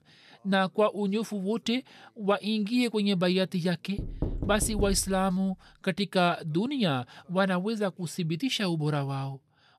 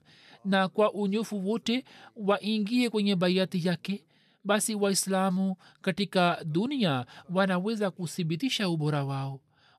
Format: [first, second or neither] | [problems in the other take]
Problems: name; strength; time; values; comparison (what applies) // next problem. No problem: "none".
second | door banging; noticeable; from 4 to 5 s; peak 6 dB below the speech